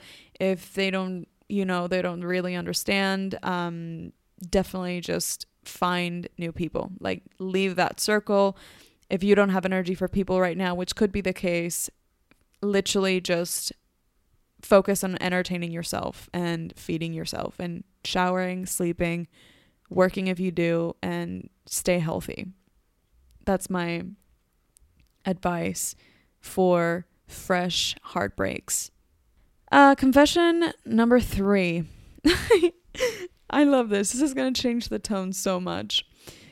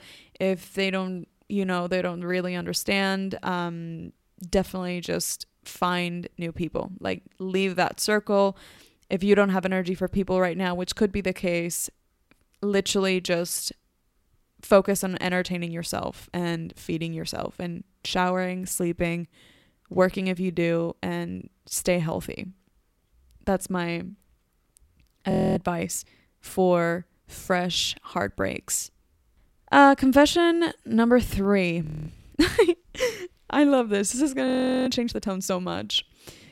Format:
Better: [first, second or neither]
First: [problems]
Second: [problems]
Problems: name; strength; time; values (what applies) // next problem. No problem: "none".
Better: first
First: none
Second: audio freezing; at 25 s, at 32 s and at 34 s